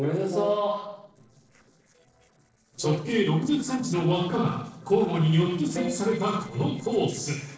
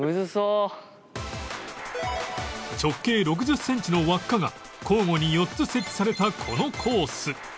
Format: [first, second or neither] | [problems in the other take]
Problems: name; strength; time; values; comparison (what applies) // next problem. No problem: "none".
second | noise reduction (neural separator model SepFormer DNS4)